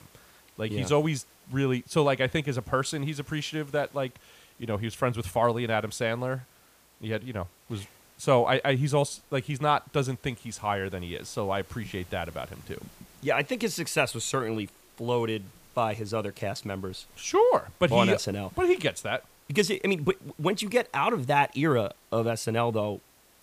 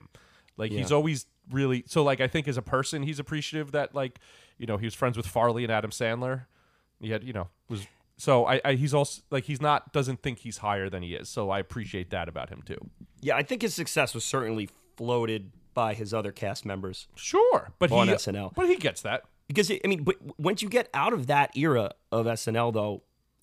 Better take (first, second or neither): second